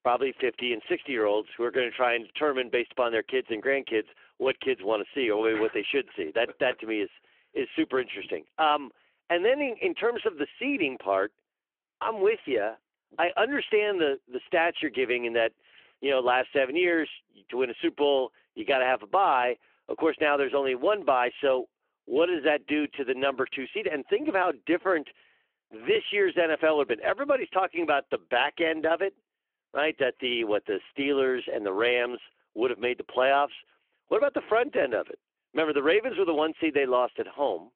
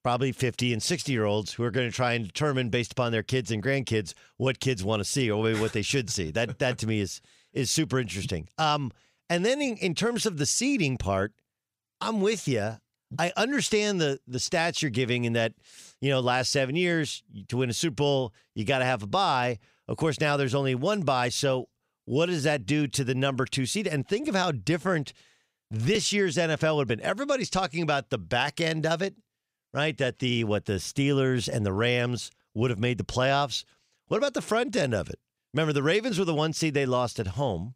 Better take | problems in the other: second | phone-call audio

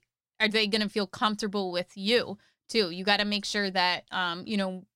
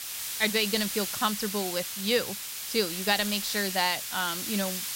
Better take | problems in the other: first | hiss; loud; throughout; 4 dB below the speech

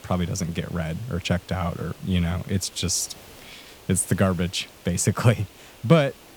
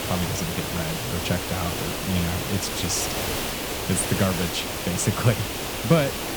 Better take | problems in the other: first | hiss; loud; throughout; 1 dB below the speech; faint in the first

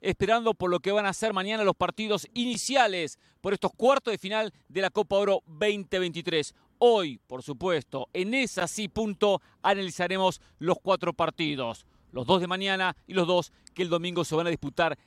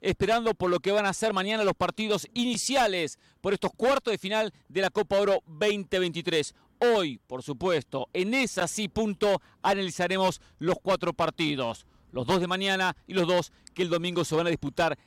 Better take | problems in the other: first | distortion; slight; 6% of the sound clipped

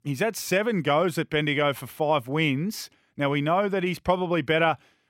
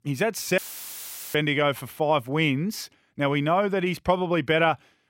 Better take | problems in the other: first | audio cutting out; filled with static; at 0.5 s for 1 s

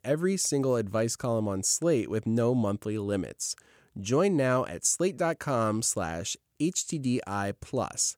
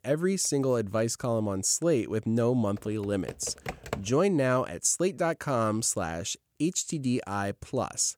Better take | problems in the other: first | keyboard typing; noticeable; from 3 to 4 s; peak 9 dB below the speech

